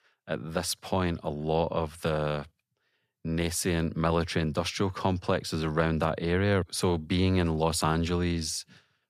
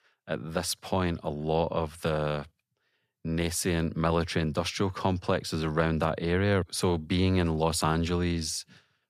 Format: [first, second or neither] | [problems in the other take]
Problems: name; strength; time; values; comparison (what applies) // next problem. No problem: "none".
neither | none